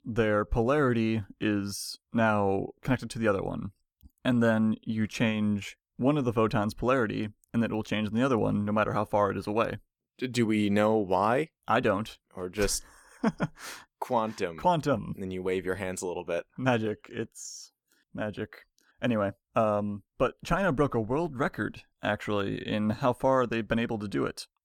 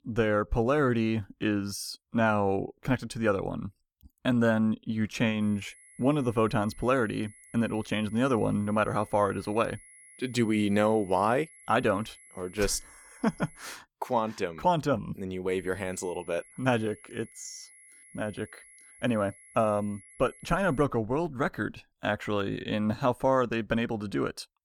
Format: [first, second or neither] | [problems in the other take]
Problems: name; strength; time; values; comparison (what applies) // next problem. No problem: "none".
first | high-pitched whine; faint; from 5.5 to 14 s and from 15 to 21 s; 10.5 kHz, 25 dB below the speech